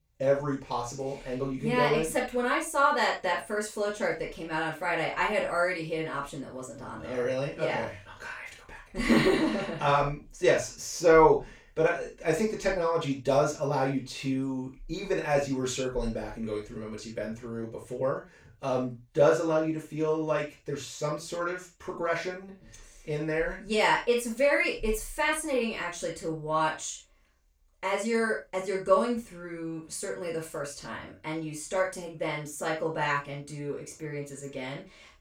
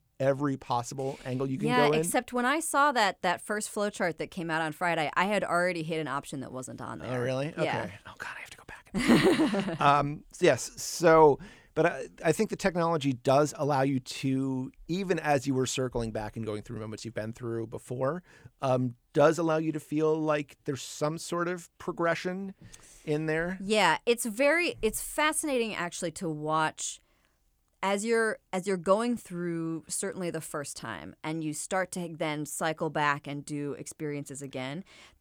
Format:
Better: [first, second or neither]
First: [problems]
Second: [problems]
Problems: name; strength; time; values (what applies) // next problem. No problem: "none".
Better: second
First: room echo; noticeable; dies away in 0.2 s // off-mic speech; far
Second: none